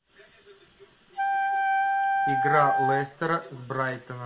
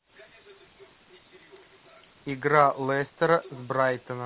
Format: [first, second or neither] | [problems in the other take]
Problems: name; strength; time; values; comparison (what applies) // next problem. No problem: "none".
second | background sound (Wind instrument, woodwind instrument); 4 dB above the speech // room echo; dies away in 0.5 s